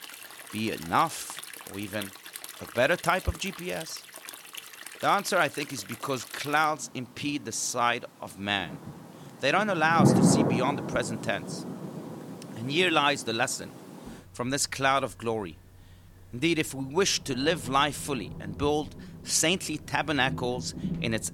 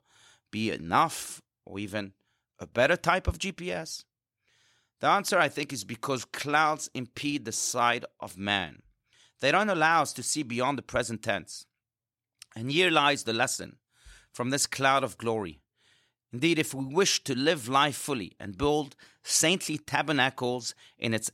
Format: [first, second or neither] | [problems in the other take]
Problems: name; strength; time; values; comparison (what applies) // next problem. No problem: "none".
second | rain or running water; loud; throughout; 6 dB below the speech